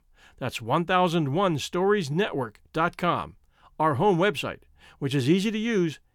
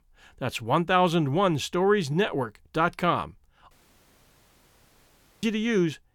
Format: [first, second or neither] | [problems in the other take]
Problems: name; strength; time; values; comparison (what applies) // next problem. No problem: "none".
first | audio cutting out; at 3.5 s for 1.5 s